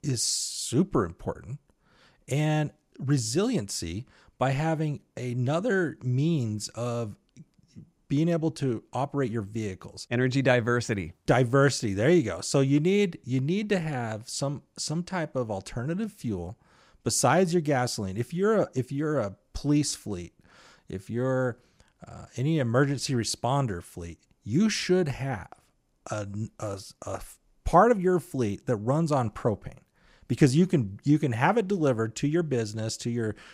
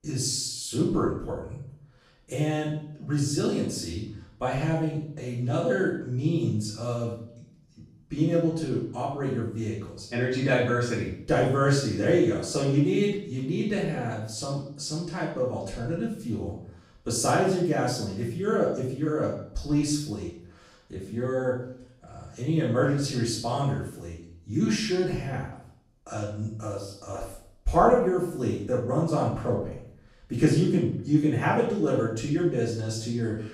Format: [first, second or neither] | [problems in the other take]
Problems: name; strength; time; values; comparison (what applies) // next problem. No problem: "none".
first | off-mic speech; far // room echo; noticeable; dies away in 0.6 s